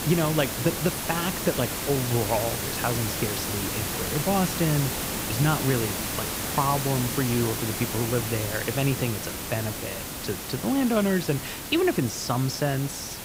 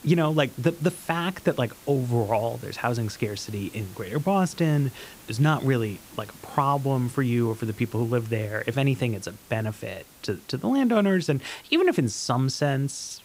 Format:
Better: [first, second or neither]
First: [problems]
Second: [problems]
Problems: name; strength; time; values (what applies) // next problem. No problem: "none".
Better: second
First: hiss; loud; throughout; 2 dB below the speech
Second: hiss; faint; throughout; 20 dB below the speech